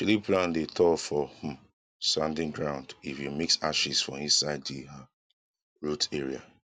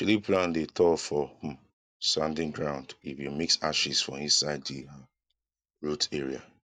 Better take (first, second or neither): first